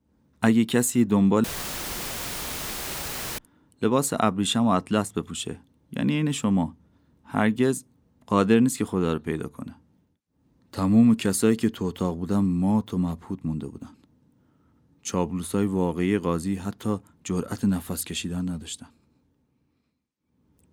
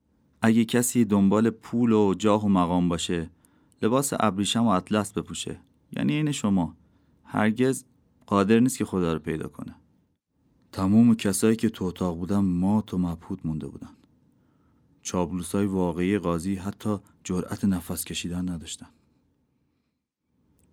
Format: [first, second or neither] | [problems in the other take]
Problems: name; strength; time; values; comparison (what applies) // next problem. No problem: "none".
second | audio cutting out; filled with static; at 1.5 s for 2 s